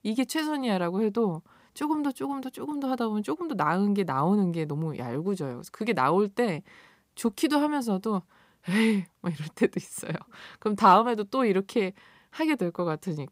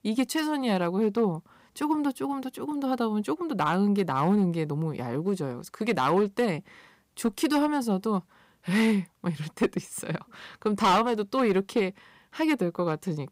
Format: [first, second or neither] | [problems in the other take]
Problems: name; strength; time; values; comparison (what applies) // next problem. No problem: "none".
first | distortion; slight; 3% of the sound clipped